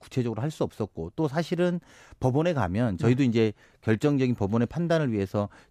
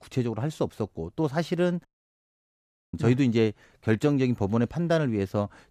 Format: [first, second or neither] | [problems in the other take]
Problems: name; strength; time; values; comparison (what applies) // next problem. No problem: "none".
first | audio cutting out; at 2 s for 1 s